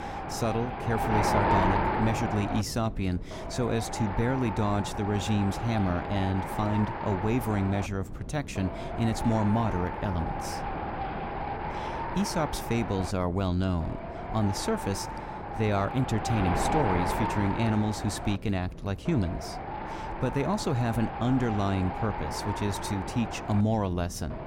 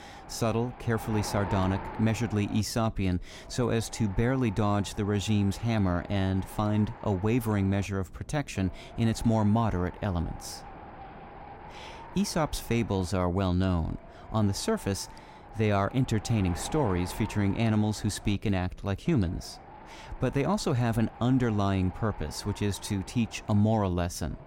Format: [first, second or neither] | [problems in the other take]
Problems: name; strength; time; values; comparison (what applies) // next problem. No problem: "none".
second | wind noise on the microphone; heavy; 1 dB above the speech; occasional gusts in the second